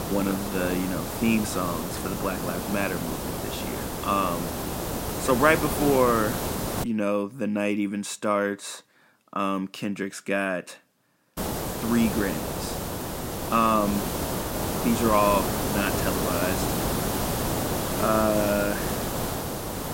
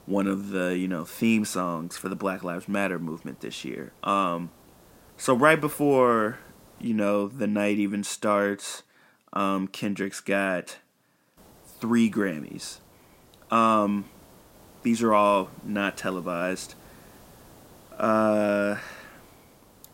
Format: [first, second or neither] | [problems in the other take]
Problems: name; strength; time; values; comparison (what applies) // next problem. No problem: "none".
second | hiss; loud; until 7 s and from 11 s on; 2 dB below the speech; faint in the second